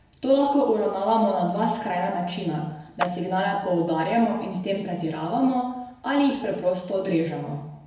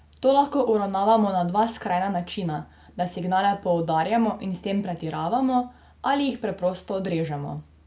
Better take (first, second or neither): second